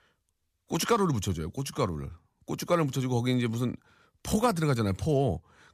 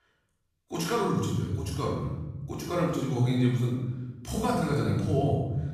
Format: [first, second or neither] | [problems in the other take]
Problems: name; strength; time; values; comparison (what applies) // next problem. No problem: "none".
first | off-mic speech; far // room echo; noticeable; dies away in 1.6 s